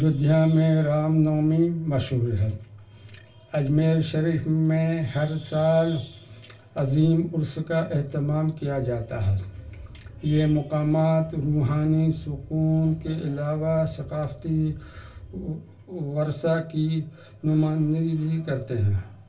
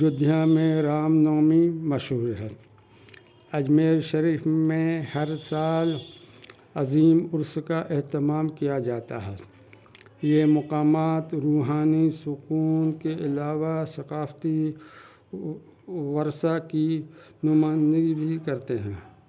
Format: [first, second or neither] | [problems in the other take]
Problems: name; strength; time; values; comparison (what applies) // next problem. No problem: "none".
second | background sound (Wind); 18 dB below the speech // room echo; dies away in 0.2 s